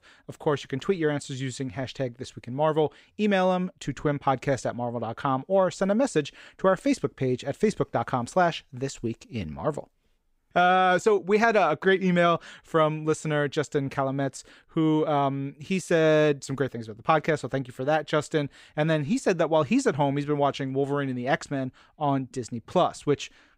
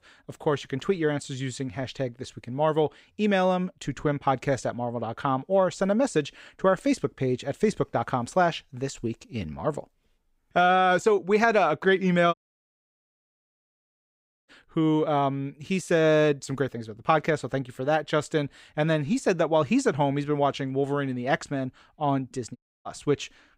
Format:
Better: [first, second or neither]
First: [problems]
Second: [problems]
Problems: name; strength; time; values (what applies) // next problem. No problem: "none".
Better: first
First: none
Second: audio cutting out; at 12 s for 2 s and at 23 s